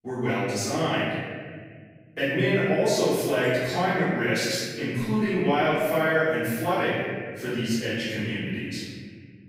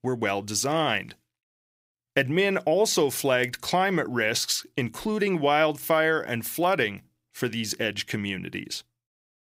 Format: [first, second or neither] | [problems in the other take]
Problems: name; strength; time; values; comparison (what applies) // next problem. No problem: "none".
second | off-mic speech; far // room echo; strong; dies away in 2.2 s